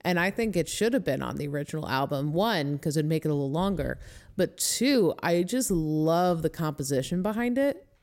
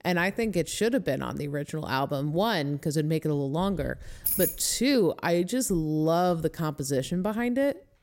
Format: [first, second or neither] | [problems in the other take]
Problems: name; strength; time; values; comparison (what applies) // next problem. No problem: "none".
first | jangling keys; loud; at 4 s; peak 1 dB above the speech